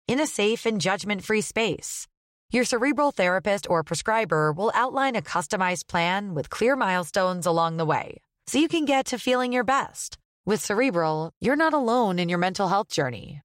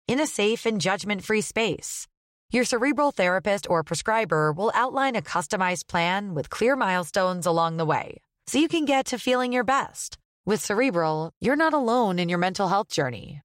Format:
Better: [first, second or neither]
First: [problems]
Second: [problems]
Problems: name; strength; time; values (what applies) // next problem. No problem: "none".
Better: neither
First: none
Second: none